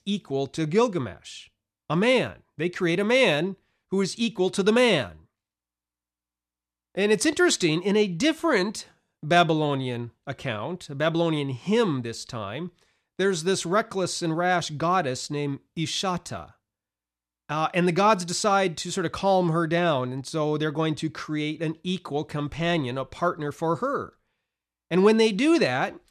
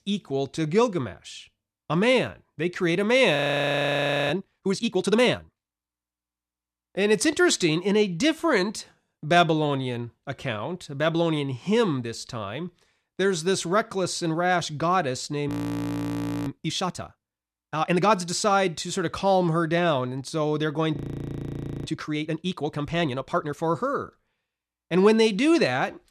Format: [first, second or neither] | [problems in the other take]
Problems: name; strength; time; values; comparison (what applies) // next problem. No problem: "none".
first | audio freezing; at 3.5 s for 1 s, at 15 s for 1 s and at 21 s for 1 s